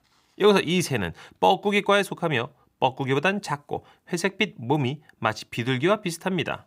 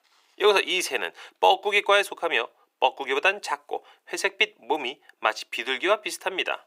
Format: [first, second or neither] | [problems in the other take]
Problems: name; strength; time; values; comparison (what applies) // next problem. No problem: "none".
first | thin; very; fading below 400 Hz